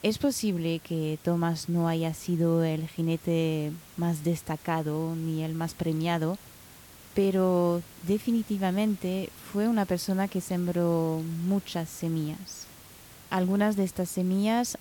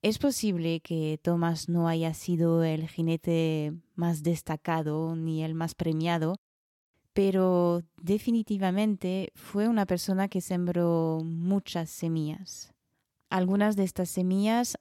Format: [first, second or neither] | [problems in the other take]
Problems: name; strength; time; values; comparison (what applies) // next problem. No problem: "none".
second | hiss; noticeable; throughout; 20 dB below the speech